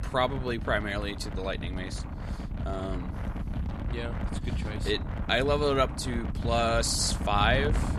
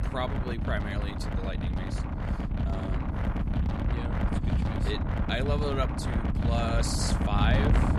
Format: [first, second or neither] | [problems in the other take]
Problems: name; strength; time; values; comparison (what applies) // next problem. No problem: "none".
first | wind noise on the microphone; heavy; 3 dB below the speech; occasional gusts in the first